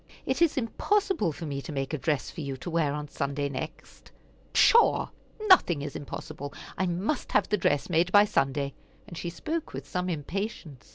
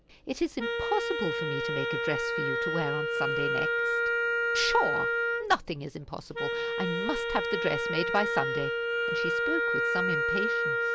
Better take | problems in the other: first | background sound (Wind instrument, woodwind instrument); 4 dB above the speech

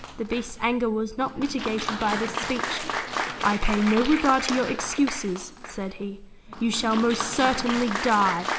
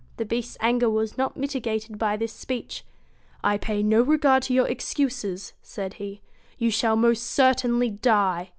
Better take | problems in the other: second | background sound (Applause); 6 dB below the speech // room echo; dies away in 0.6 s

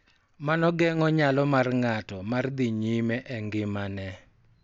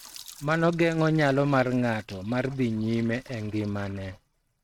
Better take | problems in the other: first | noise reduction (neural mask model RNNoise)

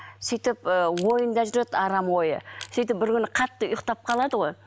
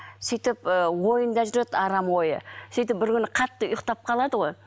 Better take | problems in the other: second | background sound (Crushing); 20 dB below the speech

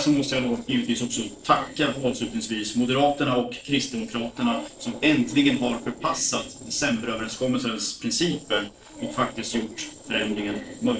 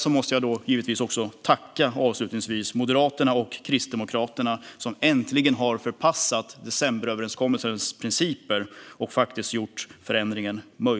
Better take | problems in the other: second | noise reduction (neural separator model SepFormer DNS4)

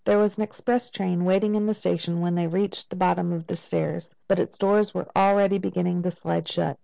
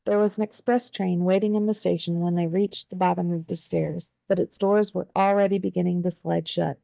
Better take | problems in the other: first | noise reduction (neural mask model DeepFilterNet 3)

